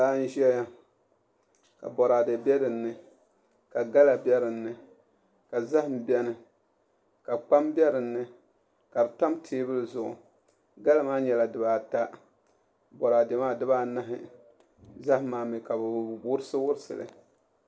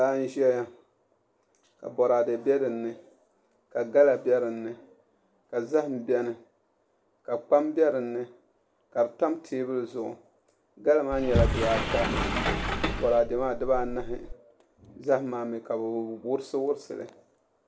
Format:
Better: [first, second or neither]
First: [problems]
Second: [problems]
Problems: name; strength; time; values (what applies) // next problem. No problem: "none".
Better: first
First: none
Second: background sound (Sliding door); as loud as the speech